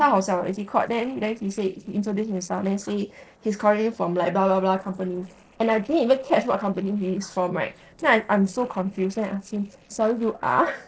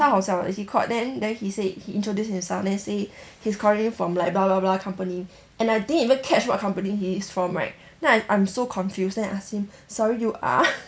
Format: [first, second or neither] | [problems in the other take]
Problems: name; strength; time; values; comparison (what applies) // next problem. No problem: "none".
second | noise reduction (neural separator model SepFormer DNS4)